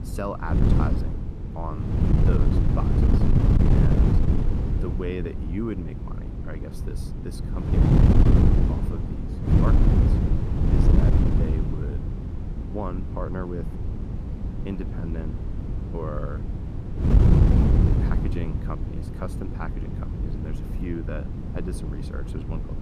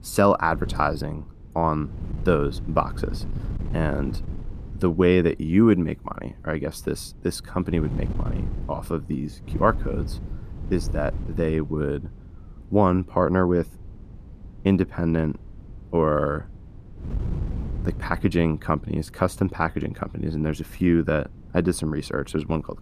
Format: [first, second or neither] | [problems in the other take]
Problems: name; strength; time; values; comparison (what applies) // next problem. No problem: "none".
second | wind noise on the microphone; heavy; 3 dB above the speech; occasional gusts in the second